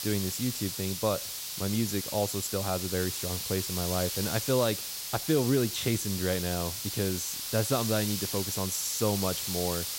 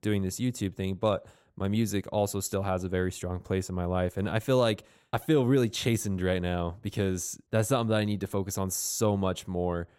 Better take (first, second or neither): second